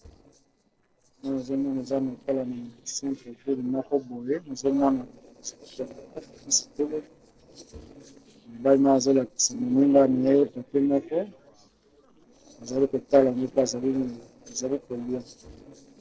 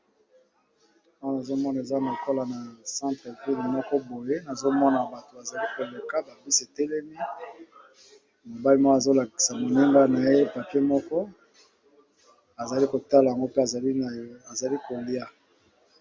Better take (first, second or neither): second